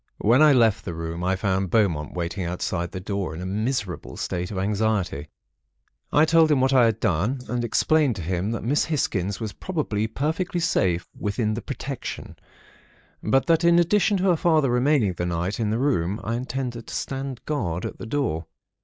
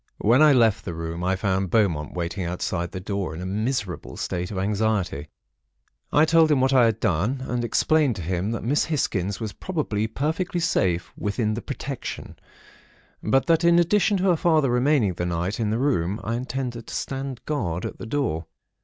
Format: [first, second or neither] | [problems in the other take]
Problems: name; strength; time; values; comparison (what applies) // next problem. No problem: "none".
second | noise reduction (neural mask model Resemble Enhance denoiser)